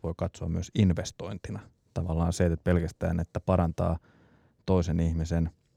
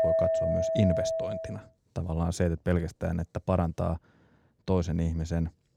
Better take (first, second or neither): first